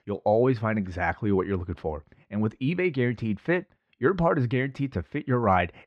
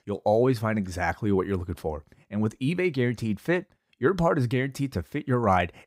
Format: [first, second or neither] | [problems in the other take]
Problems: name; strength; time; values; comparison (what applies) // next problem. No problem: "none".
second | muffled; slightly; fading above 2.5 kHz